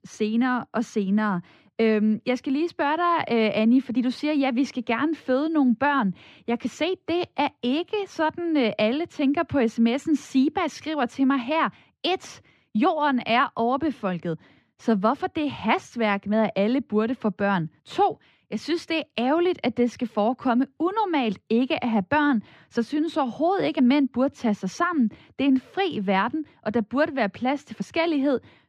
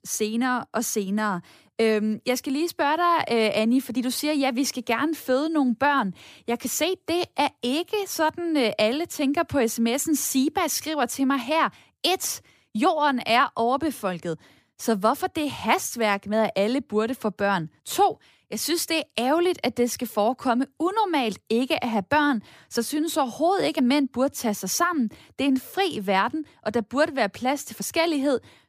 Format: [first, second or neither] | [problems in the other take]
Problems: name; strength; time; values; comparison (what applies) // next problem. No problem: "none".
second | muffled; slightly; fading above 3 kHz